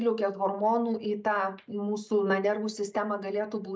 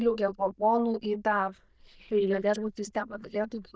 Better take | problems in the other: first | noise reduction (neural diffusion model UNIVERSE++)

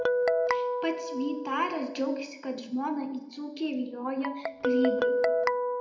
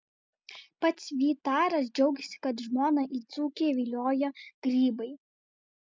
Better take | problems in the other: second | background sound (Guitar); 2 dB above the speech // room echo; dies away in 0.7 s

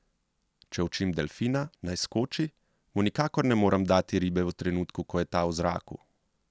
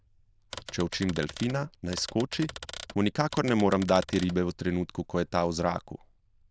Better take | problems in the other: first | noise reduction (neural diffusion model UNIVERSE++)

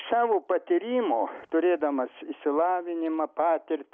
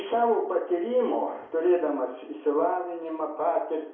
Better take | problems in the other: first | room echo; dies away in 0.6 s

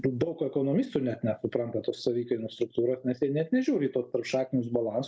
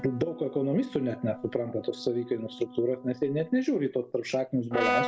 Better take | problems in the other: first | background sound (Brass instrument); 8 dB below the speech

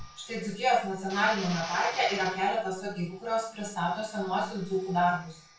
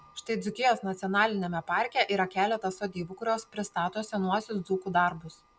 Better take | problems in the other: second | background sound (Drill); 15 dB below the speech // room echo; dies away in 0.3 s

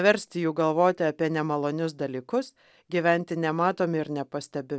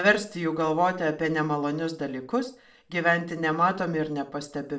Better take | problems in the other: first | room echo; dies away in 0.3 s

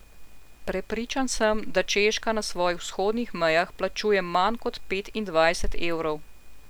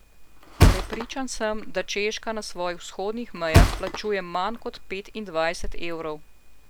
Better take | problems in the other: first | background sound (Thump, thud); 4 dB above the speech

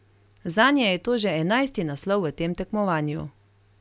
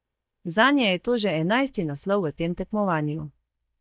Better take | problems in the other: first | noise reduction (neural mask model DeepFilterNet 3)

